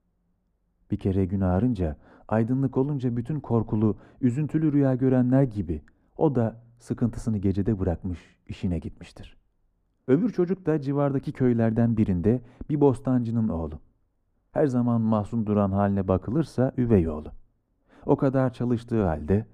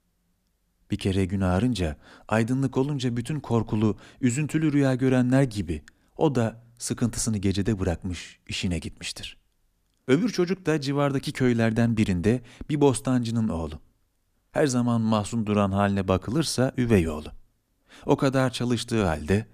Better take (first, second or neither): second